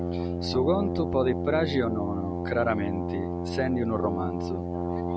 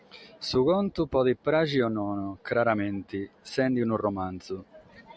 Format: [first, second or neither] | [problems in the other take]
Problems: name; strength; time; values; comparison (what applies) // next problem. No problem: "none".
second | background sound (Brass instrument); 1 dB below the speech